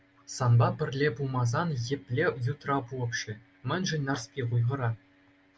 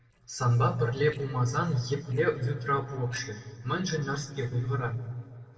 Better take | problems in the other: first | noise reduction (neural separator model SepFormer DNS4)

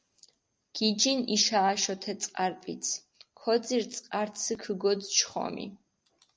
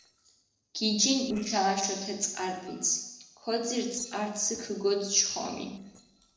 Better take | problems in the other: first | noise reduction (neural separator model SepFormer DNS4)

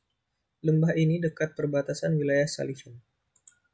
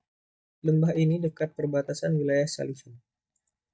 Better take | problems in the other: first | noise reduction (neural mask model DeepFilterNet 3)

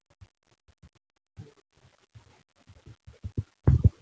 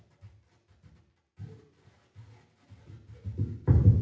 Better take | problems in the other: first | room echo; dies away in 0.8 s

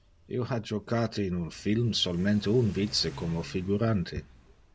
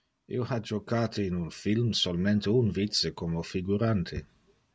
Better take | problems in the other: second | background sound (Accelerating, revving, vroom / Car); 19 dB below the speech

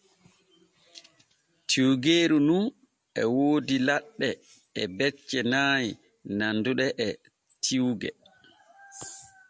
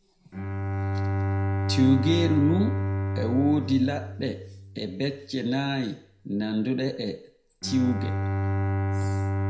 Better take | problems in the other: first | background sound (Bowed string instrument); 1 dB below the speech // room echo; dies away in 0.4 s

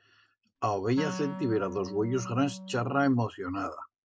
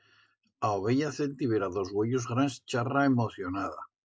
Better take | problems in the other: second | background sound (Wind instrument, woodwind instrument); 11 dB below the speech

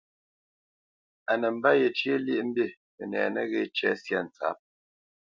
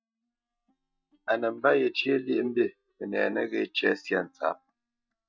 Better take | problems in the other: first | noise reduction (neural mask model DeepFilterNet 3)

